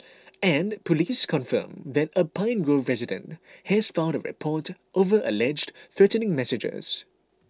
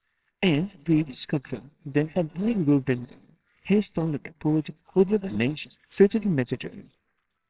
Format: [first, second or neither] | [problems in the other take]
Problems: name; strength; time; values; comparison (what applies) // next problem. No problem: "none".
first | noise reduction (neural separator model SepFormer WHAMR!)